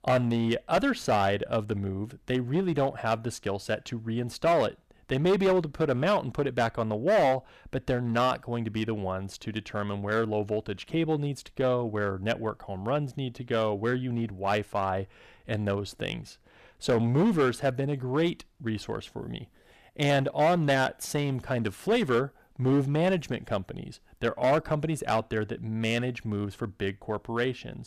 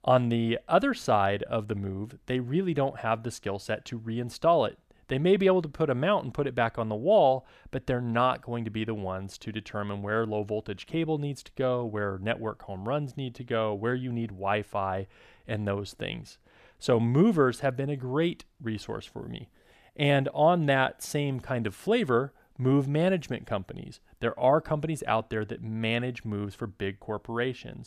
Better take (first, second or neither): second